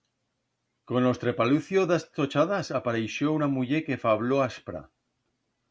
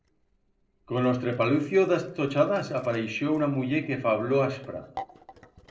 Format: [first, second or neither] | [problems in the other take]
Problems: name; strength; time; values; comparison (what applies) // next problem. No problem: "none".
first | noise reduction (neural separator model SepFormer DNS4)